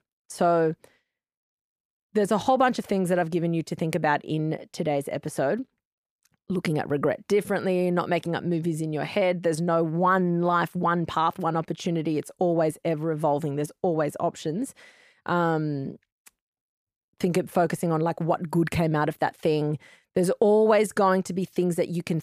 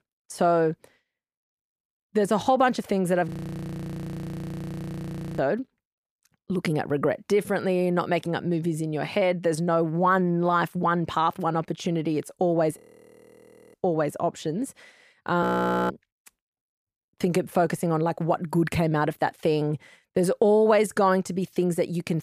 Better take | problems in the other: first | audio freezing; at 3.5 s for 2 s, at 13 s for 1 s and at 15 s

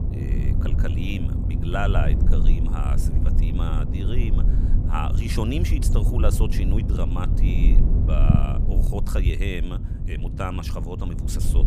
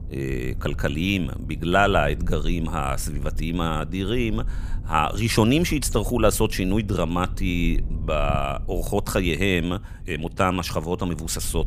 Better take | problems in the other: second | low rumble; loud; throughout; 4 dB below the speech; faint in the second

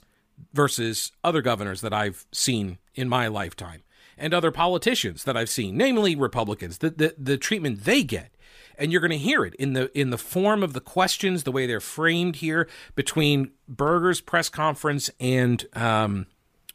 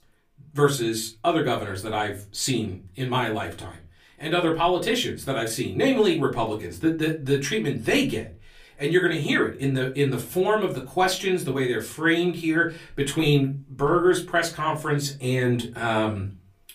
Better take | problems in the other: first | off-mic speech; far // room echo; very slight; dies away in 0.3 s

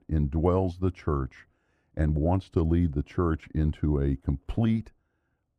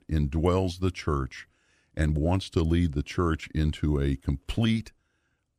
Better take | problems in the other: second | muffled; slightly; fading above 2 kHz

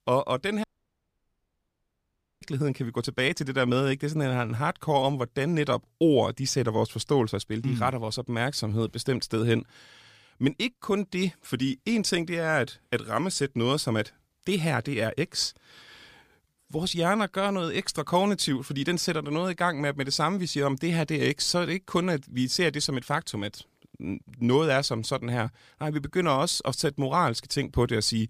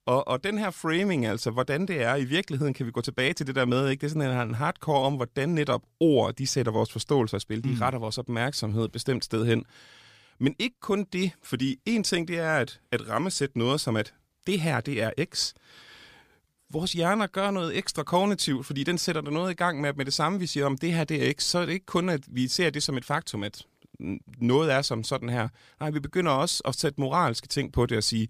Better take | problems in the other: second | audio cutting out; at 0.5 s for 2 s

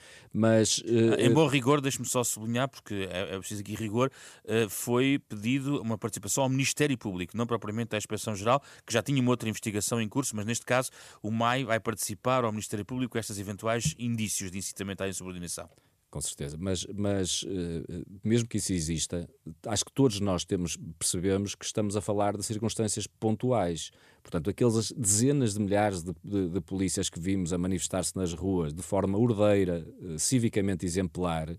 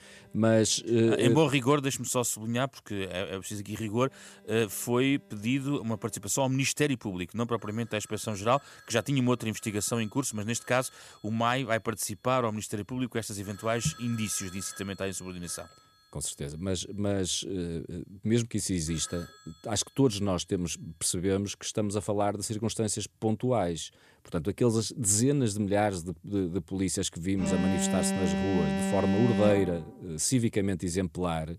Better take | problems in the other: first | alarms or sirens; loud; throughout; 3 dB below the speech

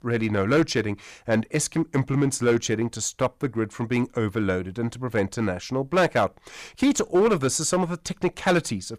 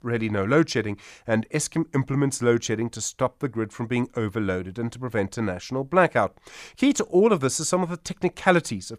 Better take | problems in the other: second | distortion; slight; 4% of the sound clipped

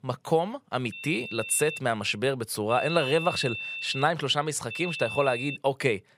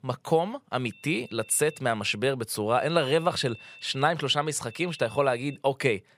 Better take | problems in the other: second | high-pitched whine; loud; at 1 s, from 2.5 to 4 s and at 4.5 s; 2.5 kHz, 7 dB below the speech; faint in the second

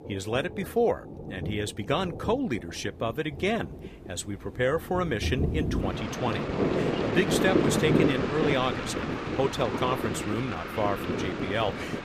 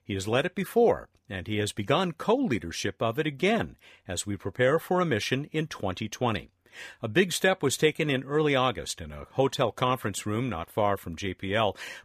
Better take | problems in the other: second | rain or running water; loud; throughout; as loud as the speech

